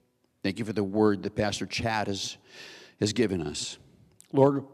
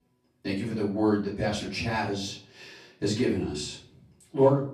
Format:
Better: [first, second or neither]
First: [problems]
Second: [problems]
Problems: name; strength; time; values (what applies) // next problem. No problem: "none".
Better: first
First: none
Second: off-mic speech; far // room echo; slight; dies away in 0.4 s